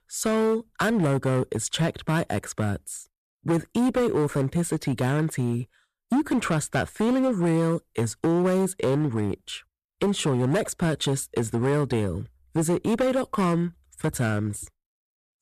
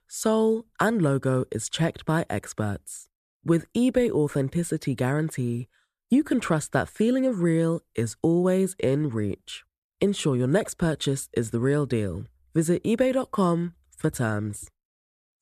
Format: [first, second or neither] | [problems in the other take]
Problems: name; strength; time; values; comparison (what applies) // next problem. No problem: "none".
second | distortion; slight; 13% of the sound clipped